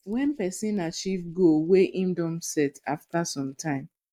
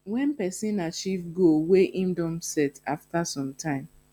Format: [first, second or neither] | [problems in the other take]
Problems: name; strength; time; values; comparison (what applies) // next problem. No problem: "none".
second | noise reduction (neural mask model Resemble Enhance denoiser)